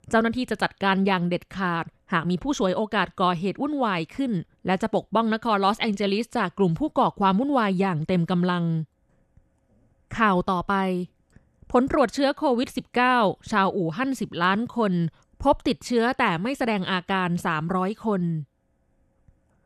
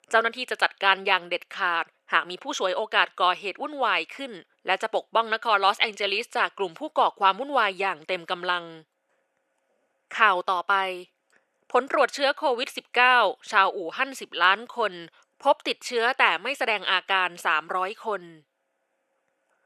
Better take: first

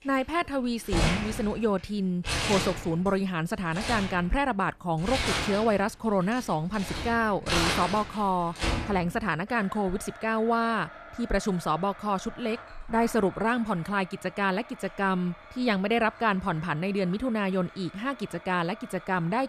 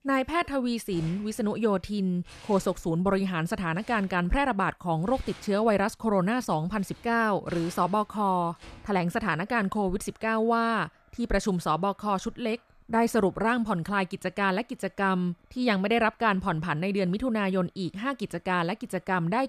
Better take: second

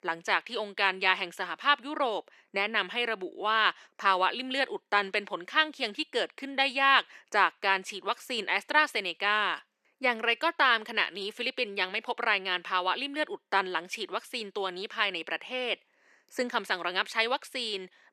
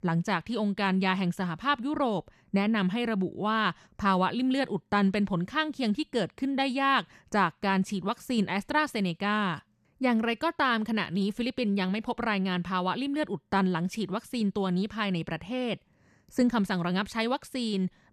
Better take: second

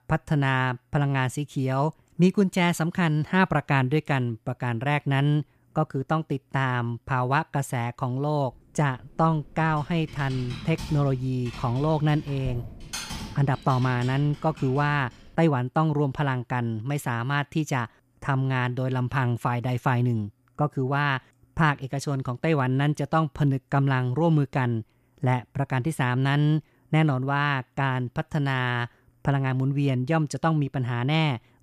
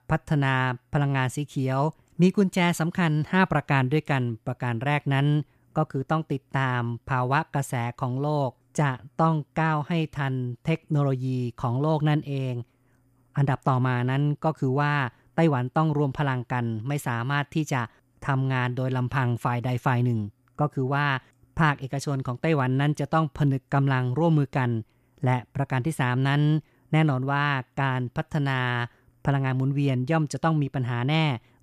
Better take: second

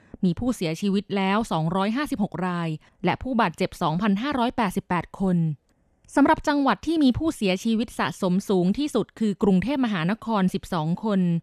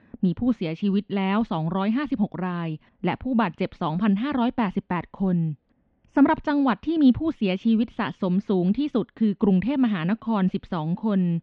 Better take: first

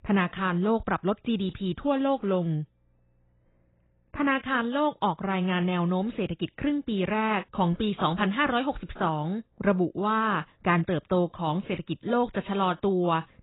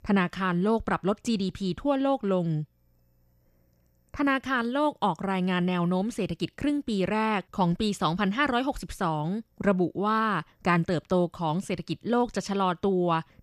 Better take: second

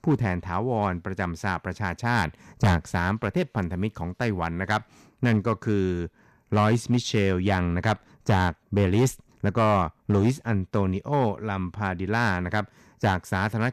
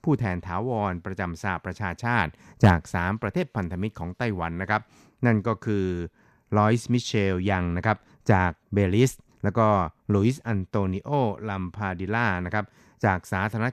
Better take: second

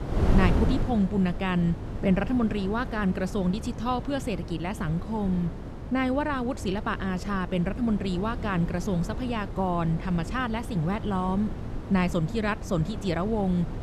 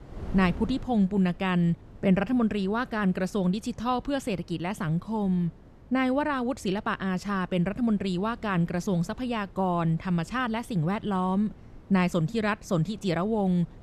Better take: second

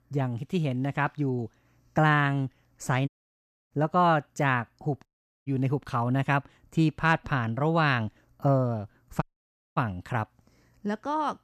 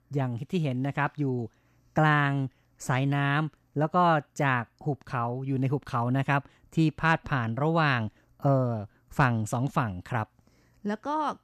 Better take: second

